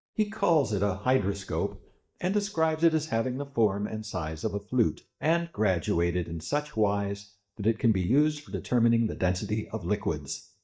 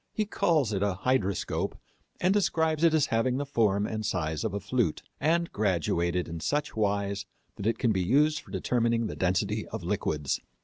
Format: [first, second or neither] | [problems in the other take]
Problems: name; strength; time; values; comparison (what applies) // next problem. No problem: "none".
second | noise reduction (neural mask model DeepFilterNet 3)